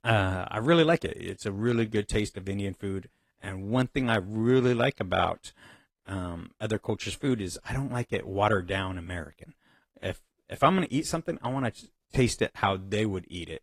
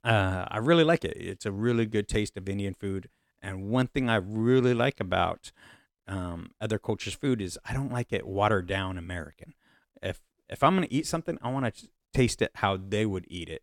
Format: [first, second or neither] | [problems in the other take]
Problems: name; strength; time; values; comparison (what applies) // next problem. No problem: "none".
second | garbled, watery; slightly; nothing above 14.5 kHz